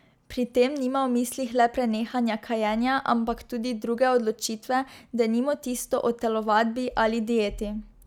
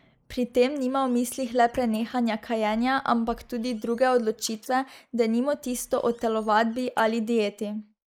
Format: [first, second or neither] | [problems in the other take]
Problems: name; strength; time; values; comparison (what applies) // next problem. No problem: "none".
first | noise reduction (neural mask model Resemble Enhance denoiser)